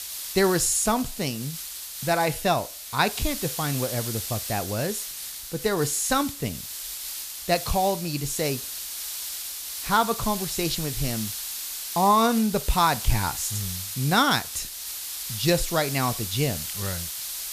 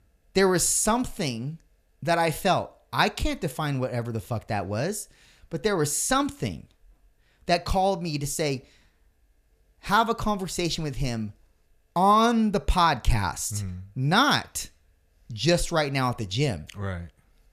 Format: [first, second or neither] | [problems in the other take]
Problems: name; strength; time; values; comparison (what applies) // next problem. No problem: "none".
second | hiss; loud; throughout; 6 dB below the speech